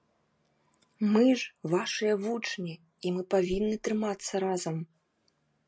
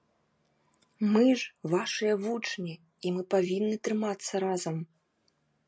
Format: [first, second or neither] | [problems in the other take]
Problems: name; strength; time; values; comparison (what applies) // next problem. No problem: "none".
second | background sound (Thump, thud); 17 dB below the speech